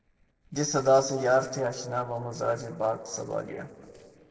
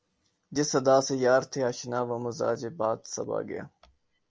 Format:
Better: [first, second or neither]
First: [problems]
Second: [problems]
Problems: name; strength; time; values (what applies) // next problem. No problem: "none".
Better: second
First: noise reduction (neural separator model SepFormer DNS4)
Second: none